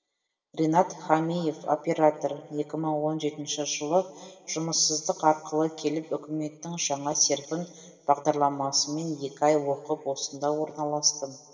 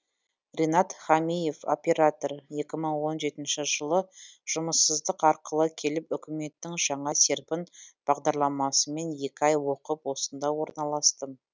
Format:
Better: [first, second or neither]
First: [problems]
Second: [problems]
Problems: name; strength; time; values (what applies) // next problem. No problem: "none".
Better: second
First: room echo; dies away in 1.6 s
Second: none